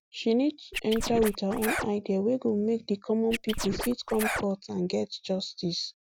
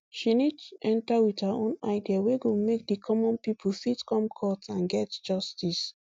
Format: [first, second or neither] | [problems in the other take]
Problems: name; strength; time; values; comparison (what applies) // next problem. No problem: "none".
second | background sound (Scratching (performance technique)); 5 dB below the speech